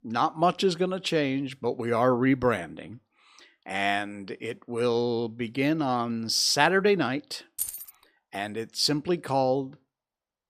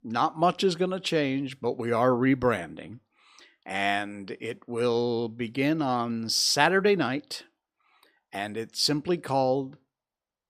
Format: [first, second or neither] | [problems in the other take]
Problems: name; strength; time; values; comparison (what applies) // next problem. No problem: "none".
second | jangling keys; noticeable; at 7.5 s; peak 6 dB below the speech